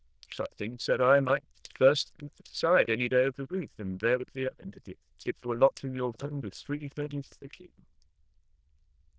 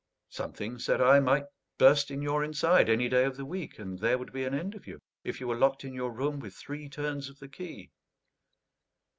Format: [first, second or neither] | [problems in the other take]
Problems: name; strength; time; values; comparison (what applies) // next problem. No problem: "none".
second | noise reduction (neural diffusion model UNIVERSE++)